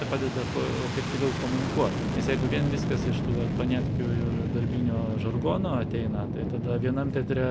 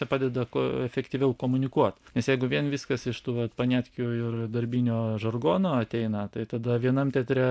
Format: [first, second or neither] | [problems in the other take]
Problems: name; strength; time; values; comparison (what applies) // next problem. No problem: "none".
second | background sound (Fixed-wing aircraft, airplane); 1 dB above the speech